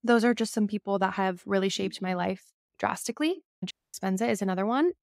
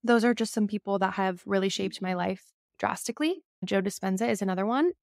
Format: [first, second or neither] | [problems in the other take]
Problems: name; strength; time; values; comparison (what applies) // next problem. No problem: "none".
second | audio cutting out; at 3.5 s